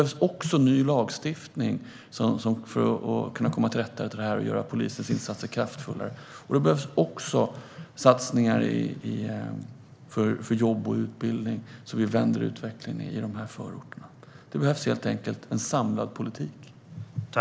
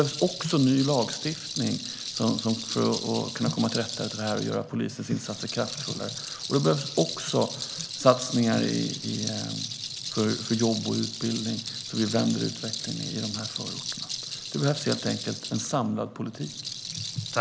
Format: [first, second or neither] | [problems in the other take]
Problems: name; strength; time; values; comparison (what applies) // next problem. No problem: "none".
first | background sound (Rattle); 8 dB below the speech